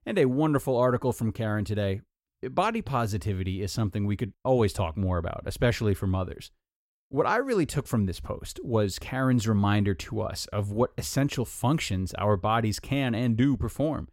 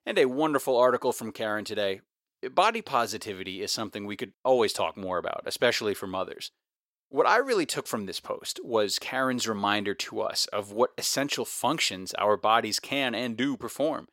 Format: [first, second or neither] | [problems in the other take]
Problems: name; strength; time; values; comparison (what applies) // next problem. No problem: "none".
first | thin; somewhat; fading below 400 Hz